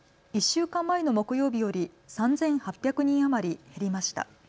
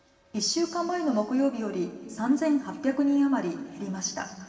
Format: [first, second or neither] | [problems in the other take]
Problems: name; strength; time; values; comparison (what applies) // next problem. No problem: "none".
first | room echo; dies away in 2.2 s